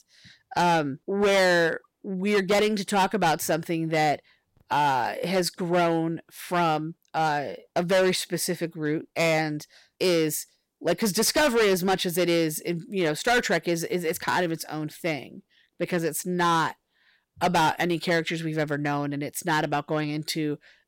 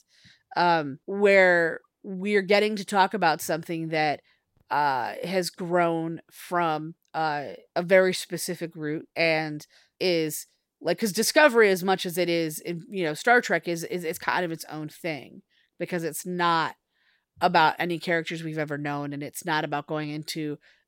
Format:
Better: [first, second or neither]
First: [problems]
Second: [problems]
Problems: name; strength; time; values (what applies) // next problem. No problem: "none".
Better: second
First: distortion; heavy; 9% of the sound clipped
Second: none